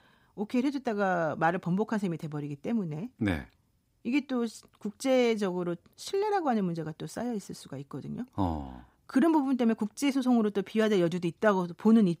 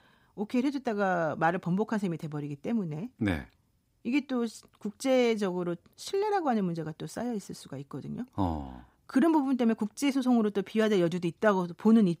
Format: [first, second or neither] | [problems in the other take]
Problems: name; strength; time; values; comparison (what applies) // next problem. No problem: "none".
neither | none